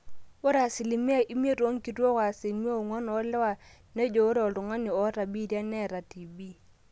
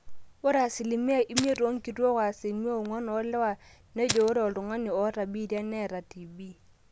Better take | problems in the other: first | background sound (Fire); 11 dB below the speech

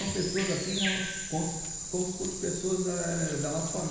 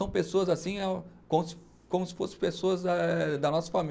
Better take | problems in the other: second | background sound (Bird vocalization, bird call, bird song); 3 dB below the speech // room echo; dies away in 1.1 s

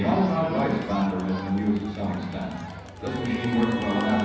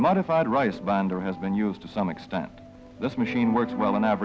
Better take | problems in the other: second | background sound (Crowd); 13 dB below the speech // room echo; dies away in 1.1 s

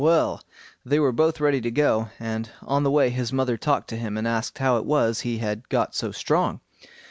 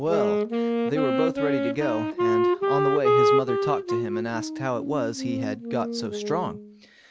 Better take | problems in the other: first | background sound (Wind instrument, woodwind instrument); 4 dB above the speech

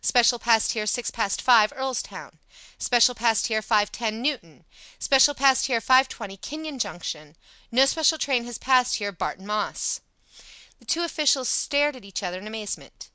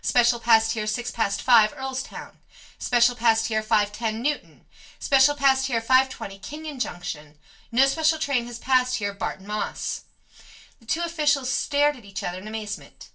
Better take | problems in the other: first | room echo; dies away in 0.2 s

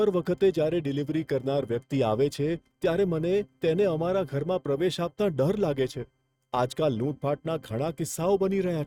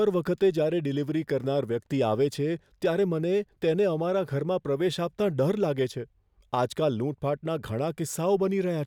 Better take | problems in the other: second | noise reduction (neural mask model RNNoise)

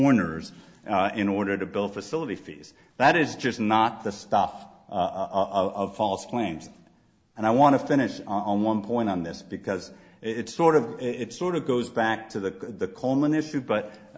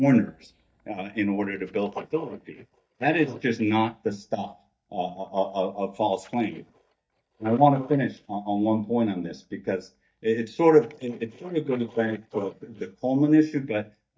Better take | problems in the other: first | noise reduction (neural mask model DeepFilterNet 3)

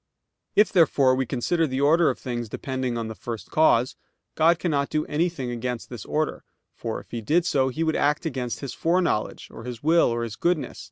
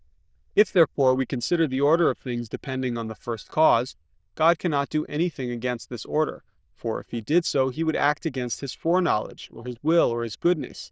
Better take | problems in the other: first | noise reduction (neural diffusion model UNIVERSE++)

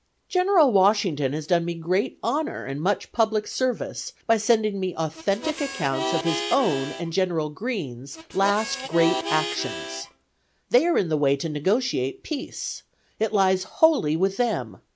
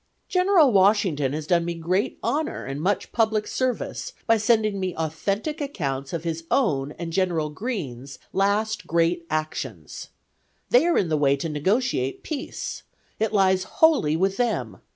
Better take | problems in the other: second | background sound (Harmonica); 7 dB below the speech

